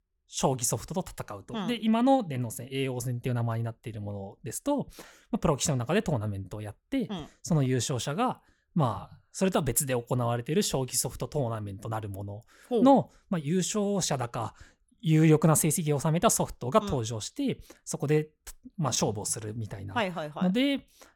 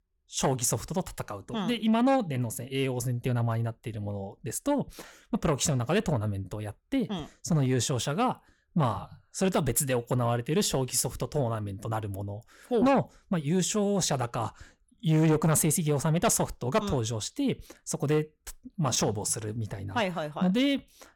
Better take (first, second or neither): first